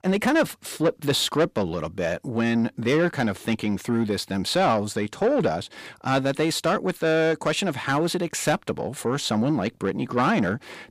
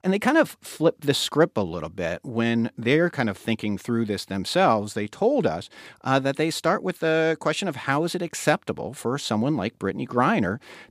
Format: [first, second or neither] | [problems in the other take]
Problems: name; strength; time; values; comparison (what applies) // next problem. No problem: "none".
second | distortion; slight; 10 dB below the speech